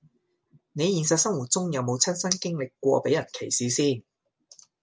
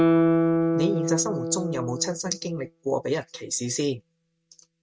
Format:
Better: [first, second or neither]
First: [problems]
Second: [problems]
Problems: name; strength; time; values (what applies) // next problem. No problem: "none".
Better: first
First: none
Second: noise reduction (neural mask model RNNoise)